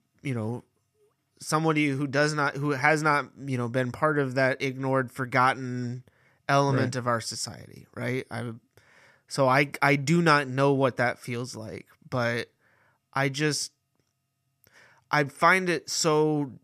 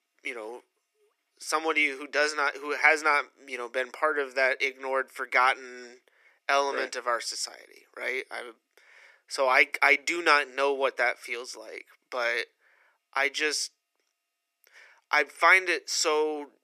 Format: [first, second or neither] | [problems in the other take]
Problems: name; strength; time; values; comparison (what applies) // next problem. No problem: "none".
first | thin; very; fading below 350 Hz